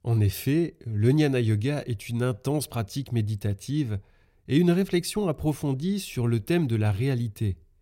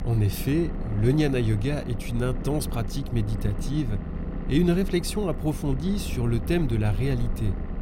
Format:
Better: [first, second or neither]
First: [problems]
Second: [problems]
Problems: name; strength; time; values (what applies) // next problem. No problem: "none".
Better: first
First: none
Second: low rumble; loud; throughout; 10 dB below the speech